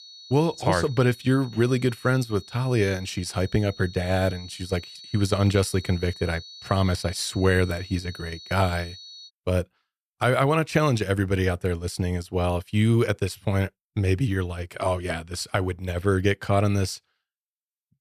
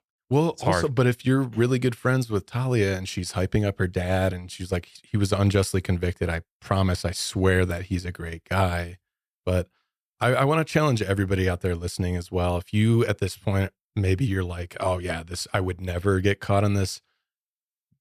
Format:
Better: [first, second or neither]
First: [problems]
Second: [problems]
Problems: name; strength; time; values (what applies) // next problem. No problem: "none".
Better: second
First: high-pitched whine; noticeable; until 9.5 s; 4.5 kHz, 15 dB below the speech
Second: none